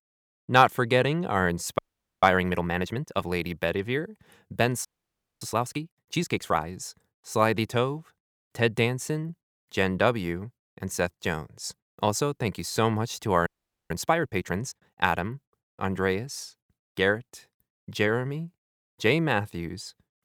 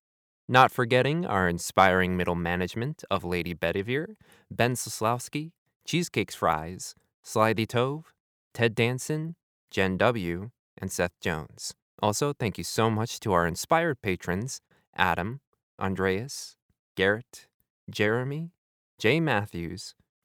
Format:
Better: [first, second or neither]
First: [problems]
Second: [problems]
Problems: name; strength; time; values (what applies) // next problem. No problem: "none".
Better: second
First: audio freezing; at 2 s, at 5 s for 0.5 s and at 13 s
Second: none